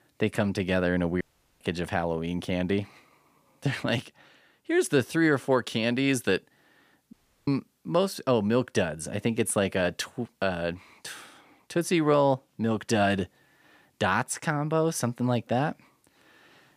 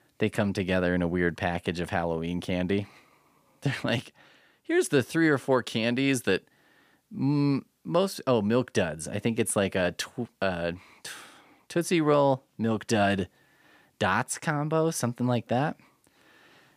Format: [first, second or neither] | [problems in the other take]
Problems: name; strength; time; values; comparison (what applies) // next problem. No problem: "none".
second | audio cutting out; at 1 s and at 7 s